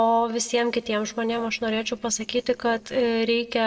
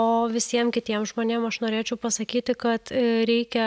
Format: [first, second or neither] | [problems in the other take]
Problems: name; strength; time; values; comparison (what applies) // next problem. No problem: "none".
second | noise reduction (neural separator model SepFormer DNS4)